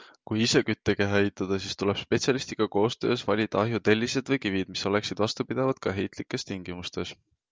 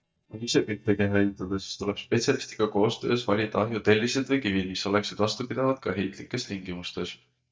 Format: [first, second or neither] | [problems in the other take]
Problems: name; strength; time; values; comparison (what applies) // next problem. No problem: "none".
first | noise reduction (neural mask model DeepFilterNet 3)